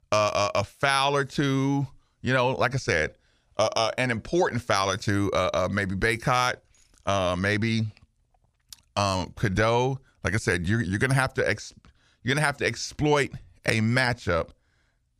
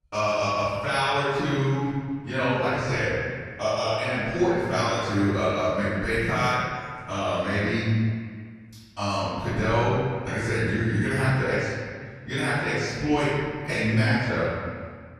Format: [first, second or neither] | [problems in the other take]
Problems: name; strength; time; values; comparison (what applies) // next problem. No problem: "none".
first | off-mic speech; far // room echo; strong; dies away in 1.8 s